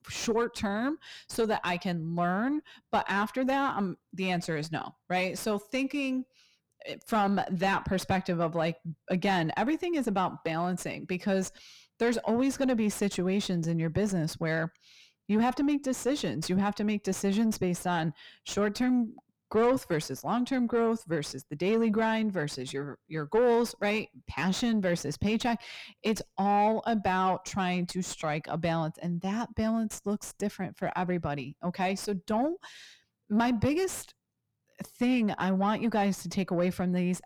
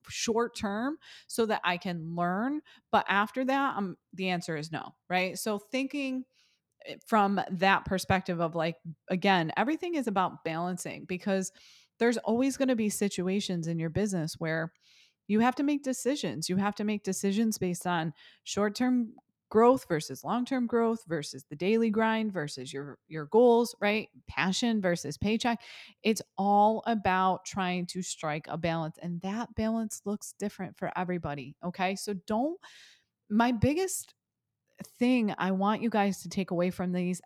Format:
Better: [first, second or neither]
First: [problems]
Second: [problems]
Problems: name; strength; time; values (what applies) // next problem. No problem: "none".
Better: second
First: distortion; slight; 9 dB below the speech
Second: none